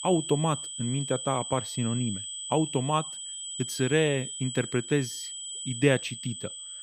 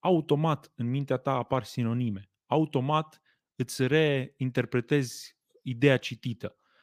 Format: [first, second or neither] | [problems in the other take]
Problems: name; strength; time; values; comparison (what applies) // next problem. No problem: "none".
second | high-pitched whine; loud; throughout; 8 kHz, 6 dB below the speech